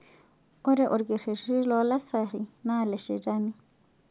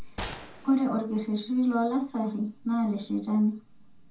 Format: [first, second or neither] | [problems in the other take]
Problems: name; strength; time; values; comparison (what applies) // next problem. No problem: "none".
first | background sound (Gunshot, gunfire); 15 dB below the speech // room echo; dies away in 0.2 s